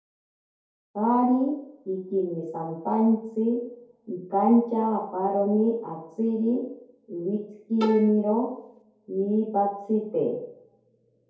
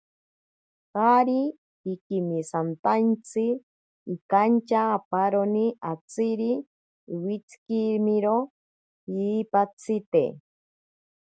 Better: second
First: background sound (Bowed string instrument); 5 dB below the speech // room echo; dies away in 2.3 s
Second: none

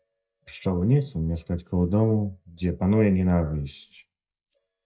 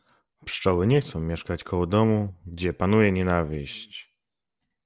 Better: second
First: noise reduction (neural mask model DeepFilterNet 3)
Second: none

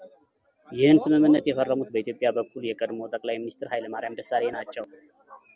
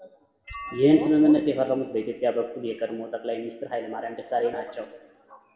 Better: first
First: none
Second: background sound (Bell); 19 dB below the speech // room echo; dies away in 1 s

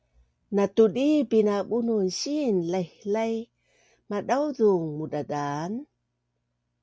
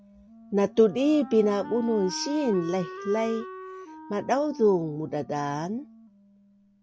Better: first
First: none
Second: background sound (Wind instrument, woodwind instrument); 15 dB below the speech

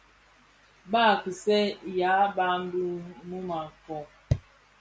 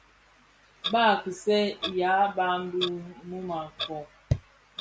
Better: first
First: none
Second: background sound (Clock); 12 dB below the speech

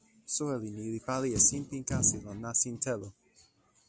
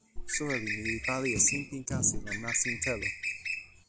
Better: first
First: none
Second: background sound (Bird); 3 dB below the speech

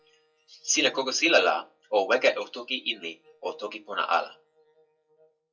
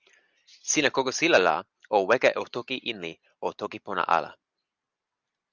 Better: second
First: noise reduction (classical method WPE with log-MMSE)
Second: none

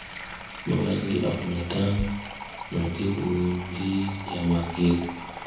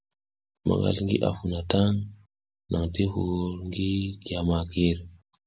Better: second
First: background sound (Sink (filling or washing) / Water tap, faucet); 11 dB below the speech // room echo; dies away in 0.9 s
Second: none

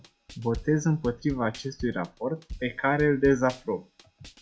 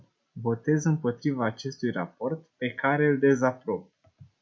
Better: second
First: background sound (Drum / Drum kit); 17 dB below the speech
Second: none

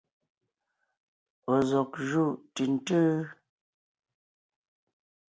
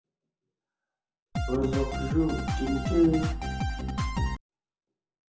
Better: first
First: none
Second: background sound (Drum kit); 1 dB above the speech // room echo; dies away in 0.6 s

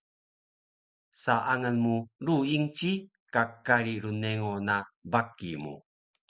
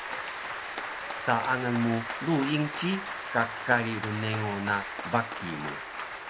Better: first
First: none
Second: background sound (Applause); 6 dB below the speech

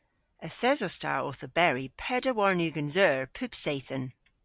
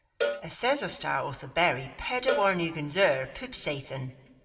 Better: first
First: none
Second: background sound (Cowbell); 8 dB below the speech // room echo; dies away in 1.7 s

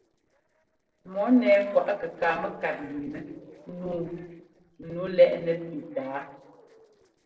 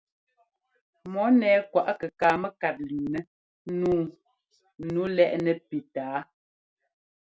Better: second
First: noise reduction (neural separator model SepFormer DNS4)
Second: none

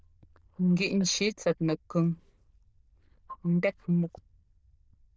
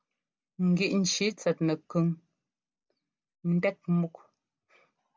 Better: second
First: noise reduction (neural diffusion model UNIVERSE++)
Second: none

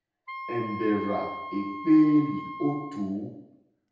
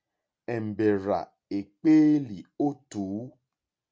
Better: second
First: background sound (Wind instrument, woodwind instrument); 12 dB below the speech // room echo; dies away in 0.9 s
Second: none

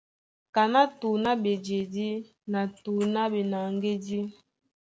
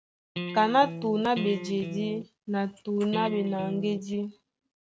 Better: first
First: none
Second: noise reduction (neural mask model RNNoise)

